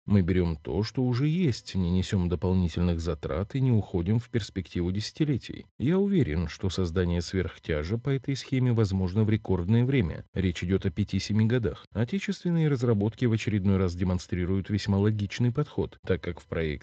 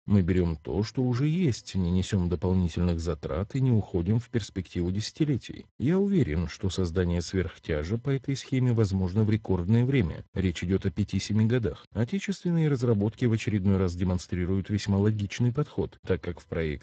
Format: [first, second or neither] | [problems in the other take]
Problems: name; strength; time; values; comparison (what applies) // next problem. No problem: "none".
first | garbled, watery; badly; nothing above 7.5 kHz; slightly in the first